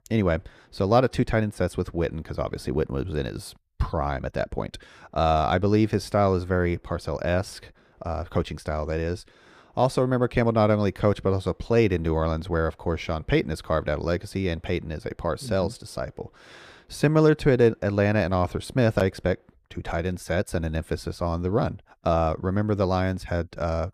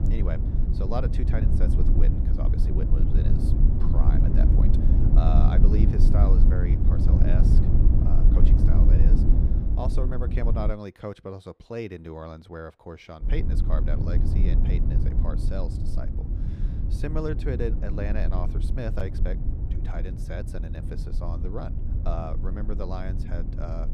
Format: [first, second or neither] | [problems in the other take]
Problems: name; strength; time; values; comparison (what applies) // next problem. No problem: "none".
first | low rumble; loud; until 11 s and from 13 s on; 1 dB below the speech